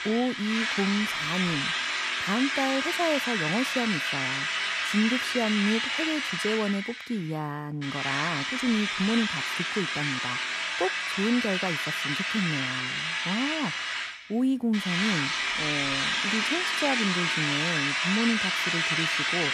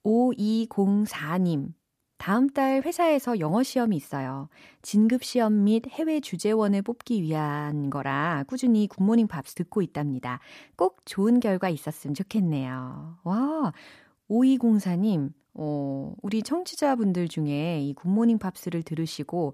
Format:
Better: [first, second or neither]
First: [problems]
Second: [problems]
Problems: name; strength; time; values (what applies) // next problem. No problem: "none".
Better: second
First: machinery noise; very loud; throughout; 3 dB above the speech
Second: none